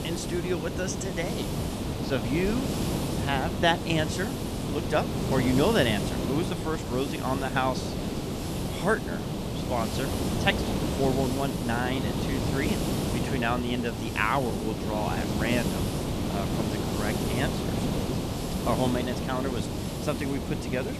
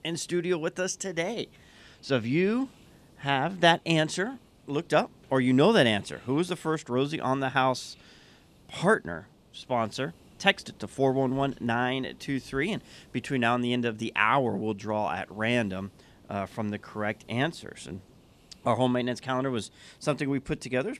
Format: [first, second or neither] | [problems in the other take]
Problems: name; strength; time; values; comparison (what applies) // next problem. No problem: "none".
second | hiss; loud; throughout; as loud as the speech; faint in the second